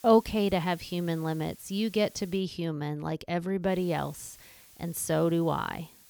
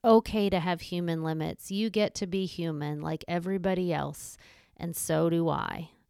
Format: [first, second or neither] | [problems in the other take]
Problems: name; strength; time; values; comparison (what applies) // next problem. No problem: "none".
second | hiss; faint; until 2.5 s and from 3.5 s on; 20 dB below the speech